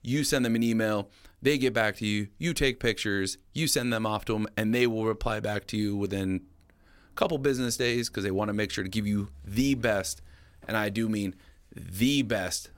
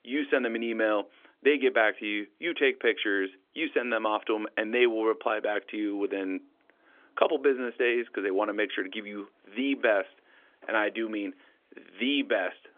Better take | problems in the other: first | phone-call audio; nothing above 3.5 kHz

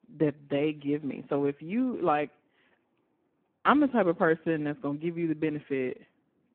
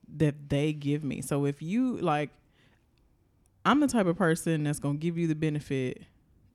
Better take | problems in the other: second | phone-call audio; poor line

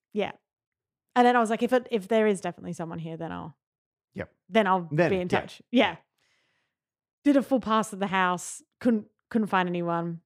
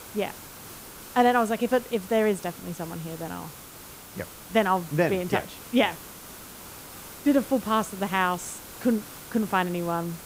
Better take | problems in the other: first | hiss; noticeable; throughout; 15 dB below the speech

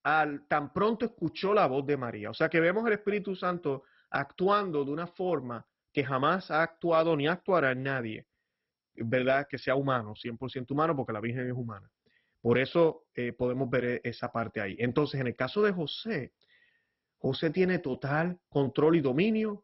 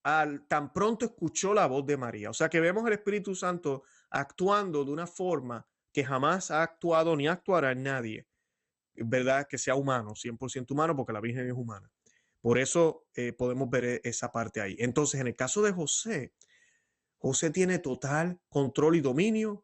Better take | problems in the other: second | garbled, watery; badly; nothing above 5.5 kHz; slightly in the second

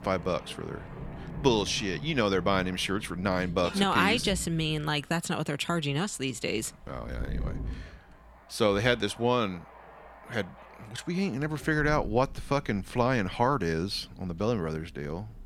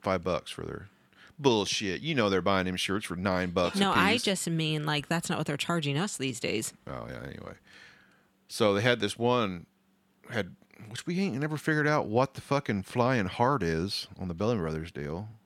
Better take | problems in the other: second | rain or running water; noticeable; throughout; 15 dB below the speech

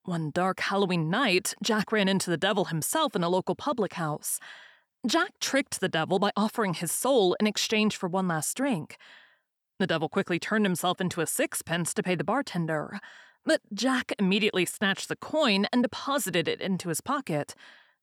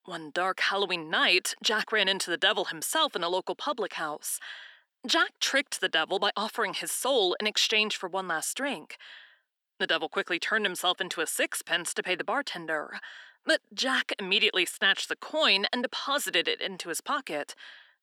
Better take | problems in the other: first | thin; somewhat; fading below 300 Hz

